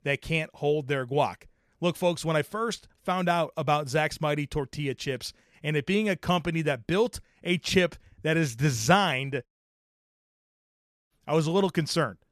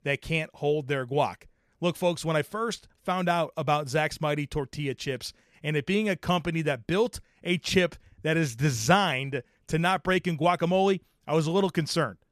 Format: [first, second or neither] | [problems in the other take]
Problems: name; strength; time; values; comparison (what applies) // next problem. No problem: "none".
second | audio cutting out; at 9.5 s for 1.5 s